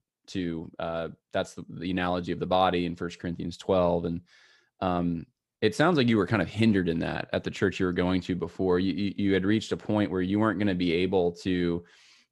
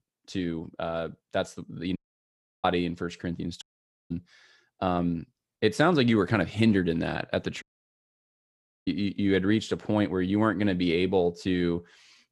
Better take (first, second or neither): first